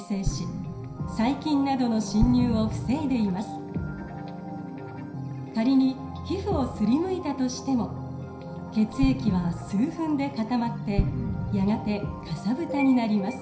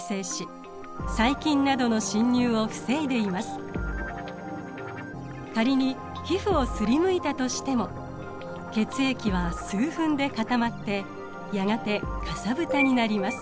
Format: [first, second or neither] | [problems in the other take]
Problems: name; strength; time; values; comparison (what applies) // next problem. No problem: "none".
second | background sound (Explosion); 6 dB below the speech // room echo; dies away in 0.5 s